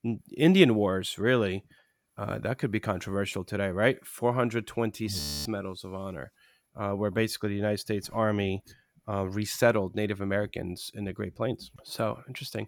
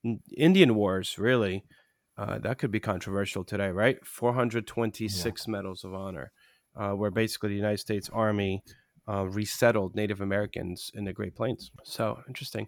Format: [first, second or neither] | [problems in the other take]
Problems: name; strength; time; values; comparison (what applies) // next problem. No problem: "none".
second | audio freezing; at 5 s